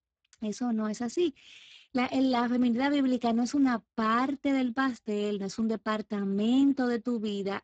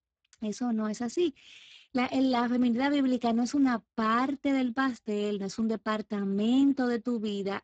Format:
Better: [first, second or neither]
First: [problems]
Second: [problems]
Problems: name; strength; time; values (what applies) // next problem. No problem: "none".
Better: neither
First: garbled, watery; badly; nothing above 7.5 kHz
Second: garbled, watery; badly; nothing above 7.5 kHz